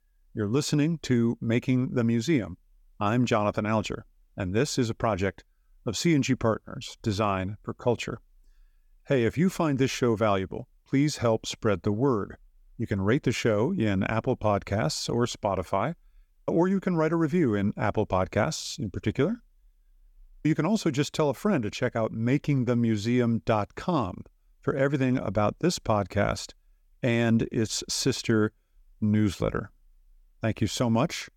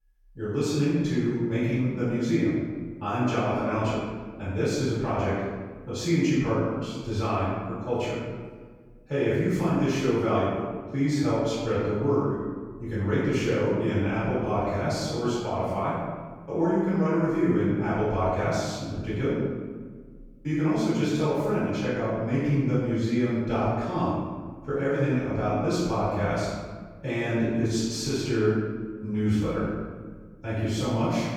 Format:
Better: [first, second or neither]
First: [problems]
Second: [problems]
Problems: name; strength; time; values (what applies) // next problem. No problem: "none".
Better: first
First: none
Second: off-mic speech; far // room echo; strong; dies away in 1.4 s